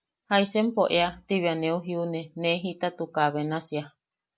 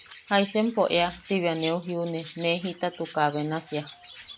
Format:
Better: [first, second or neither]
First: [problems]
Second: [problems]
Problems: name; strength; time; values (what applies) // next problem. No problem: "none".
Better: first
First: none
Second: background sound (Chirp, tweet); 18 dB below the speech